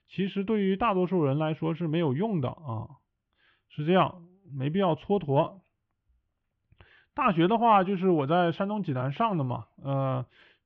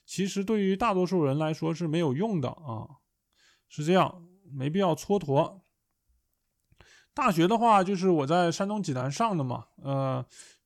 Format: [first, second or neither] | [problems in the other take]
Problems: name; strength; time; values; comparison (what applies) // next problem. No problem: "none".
second | muffled; very; fading above 3 kHz